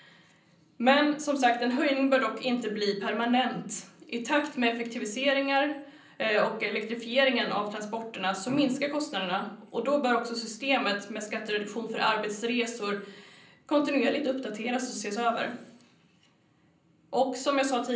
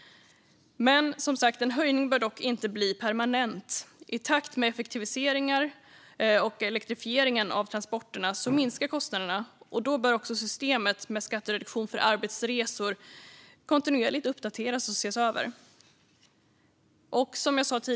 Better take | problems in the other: second | room echo; dies away in 0.6 s

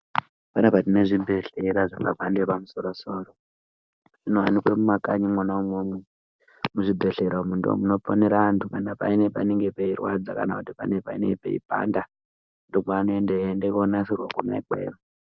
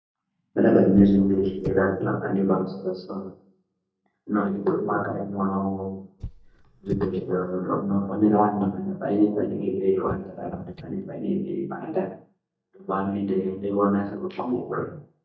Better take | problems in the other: first | noise reduction (neural mask model DeepFilterNet 3)

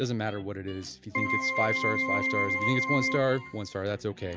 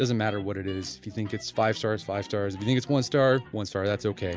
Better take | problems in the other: second | background sound (Keyboard (musical)); 2 dB above the speech

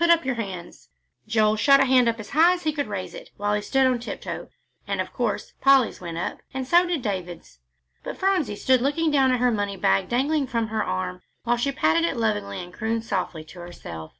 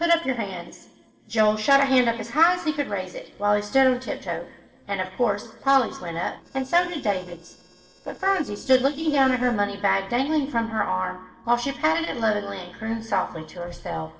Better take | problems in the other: first | noise reduction (neural separator model SepFormer DNS4)

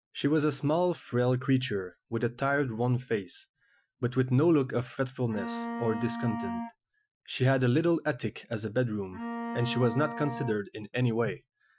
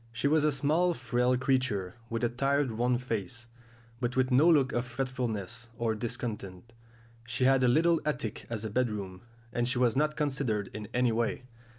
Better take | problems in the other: second | noise reduction (classical method Wiener filter)

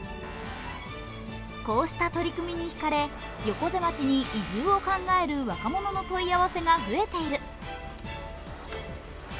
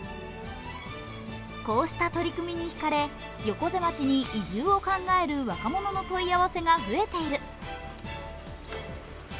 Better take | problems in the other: second | background sound (Tools); 15 dB below the speech

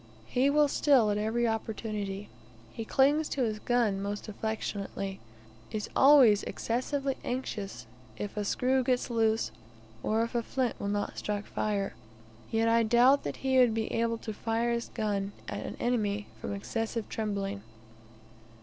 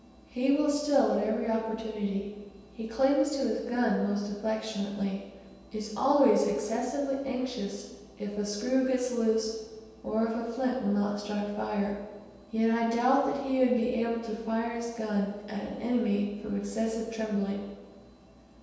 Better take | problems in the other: first | room echo; dies away in 1.2 s

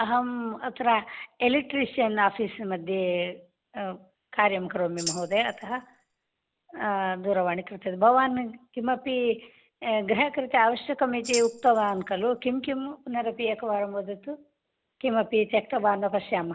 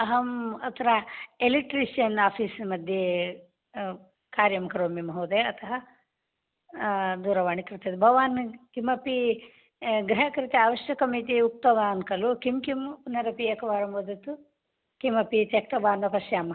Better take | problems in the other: second | background sound (Tambourine); 12 dB below the speech

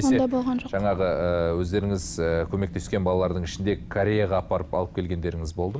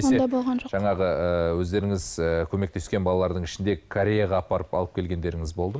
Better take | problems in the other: second | background sound (Wind); 15 dB below the speech

